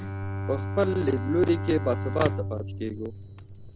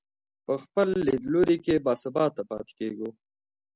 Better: second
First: background sound (Fire + Bowed string instrument); 3 dB below the speech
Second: none

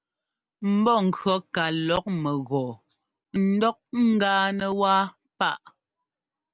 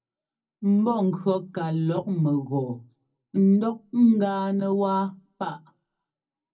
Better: first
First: none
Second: room echo; dies away in 0.4 s

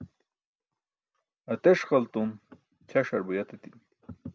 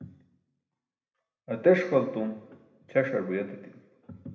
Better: first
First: none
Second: room echo; dies away in 0.9 s

